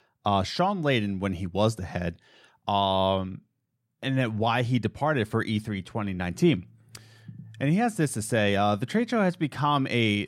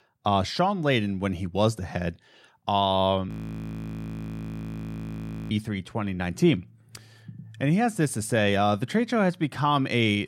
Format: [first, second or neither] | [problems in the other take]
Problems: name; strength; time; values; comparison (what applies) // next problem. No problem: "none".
first | audio freezing; at 3.5 s for 2 s